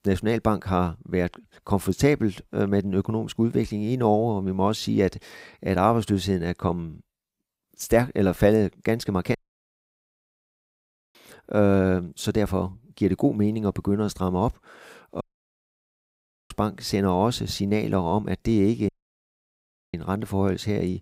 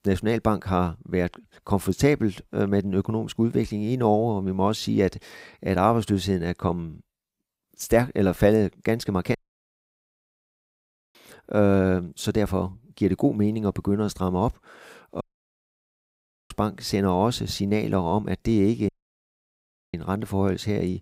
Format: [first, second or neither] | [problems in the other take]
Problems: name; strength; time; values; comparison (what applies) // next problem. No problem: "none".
neither | audio cutting out; at 9.5 s for 2 s, at 15 s for 1.5 s and at 19 s for 1 s; the same in both